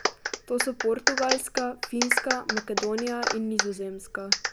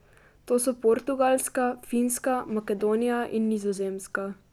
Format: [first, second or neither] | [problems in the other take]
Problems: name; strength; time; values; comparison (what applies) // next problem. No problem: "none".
second | background sound (Clapping); 1 dB above the speech